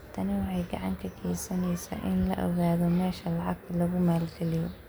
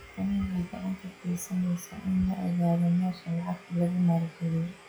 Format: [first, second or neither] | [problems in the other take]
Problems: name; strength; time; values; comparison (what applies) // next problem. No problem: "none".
first | noise reduction (classical method log-MMSE)